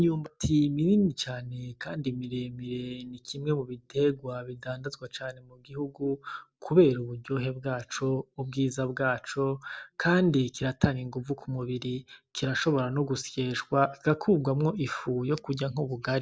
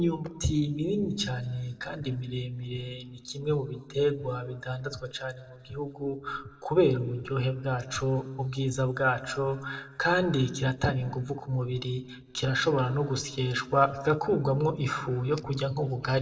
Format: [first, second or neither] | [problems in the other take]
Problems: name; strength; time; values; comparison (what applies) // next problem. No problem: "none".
first | noise reduction (neural separator model SepFormer DNS4)